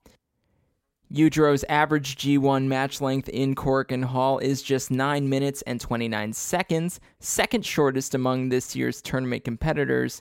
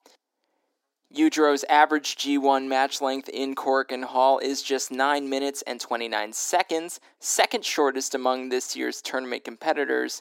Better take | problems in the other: first | thin; somewhat; fading below 300 Hz

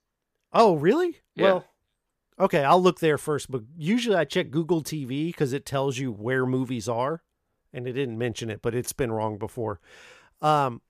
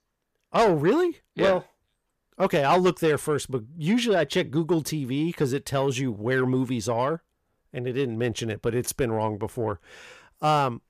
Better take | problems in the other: first | distortion; slight; 10 dB below the speech

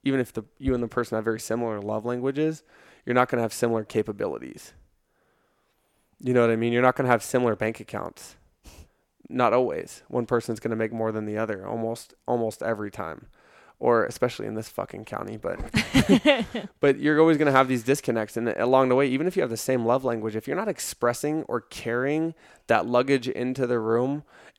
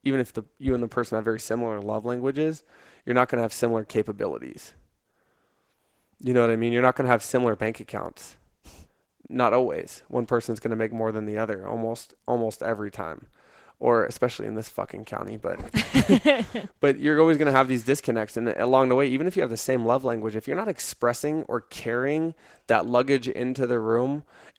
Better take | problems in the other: first | garbled, watery; slightly; nothing above 18.5 kHz

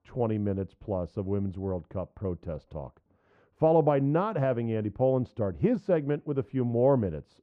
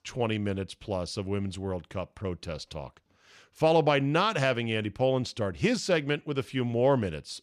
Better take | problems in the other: second | muffled; very; fading above 2 kHz

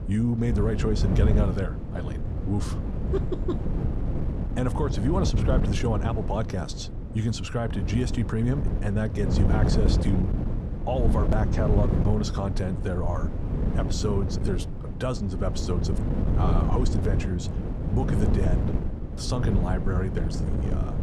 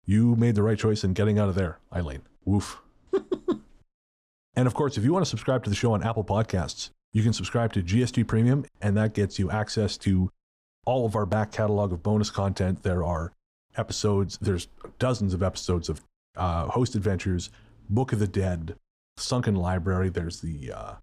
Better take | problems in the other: second | wind noise on the microphone; heavy; 4 dB below the speech

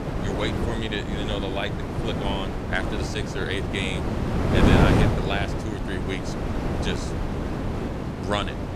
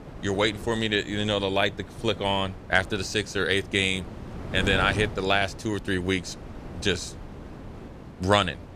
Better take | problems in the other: second | wind noise on the microphone; heavy; as loud as the speech; occasional gusts in the second

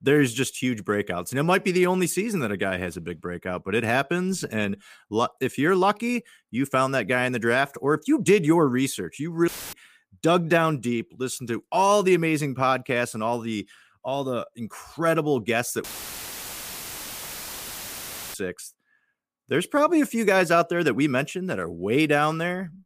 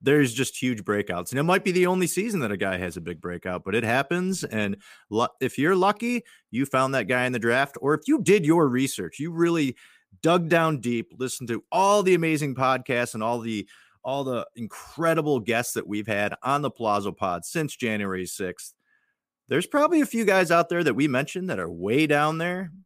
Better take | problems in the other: second | audio cutting out; filled with static; at 9.5 s and at 16 s for 2.5 s

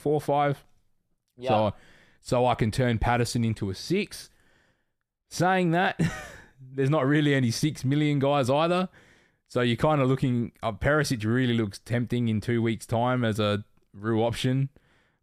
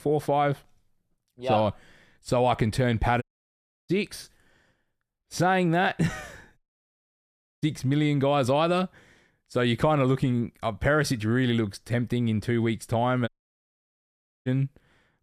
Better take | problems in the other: first | audio cutting out; at 3 s for 0.5 s, at 6.5 s for 1 s and at 13 s for 1 s

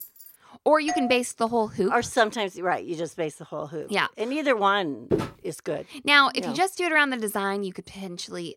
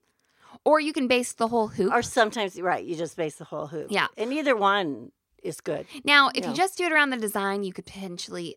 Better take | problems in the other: second | jangling keys; faint; at the start; peak 20 dB below the speech // doorbell; noticeable; at 1 s; peak 6 dB below the speech // footsteps; noticeable; at 5 s; peak 3 dB below the speech

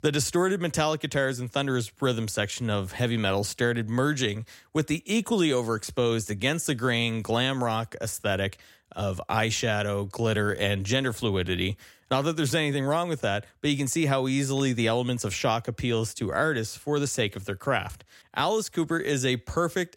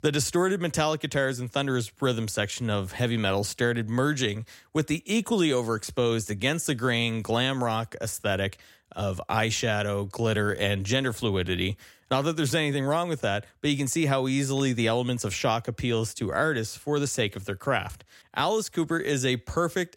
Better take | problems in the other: neither | none

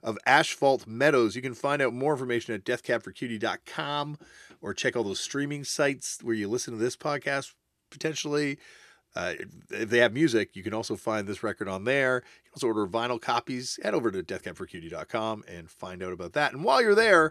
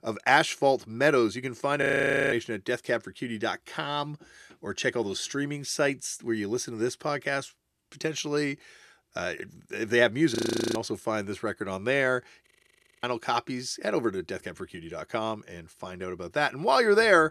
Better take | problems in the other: first | audio freezing; at 2 s, at 10 s and at 12 s for 0.5 s

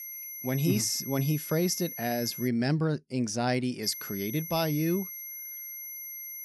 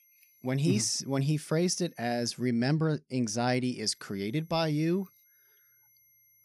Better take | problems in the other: second | high-pitched whine; loud; until 2.5 s and from 4 s on; 11.5 kHz, 8 dB below the speech; faint in the second

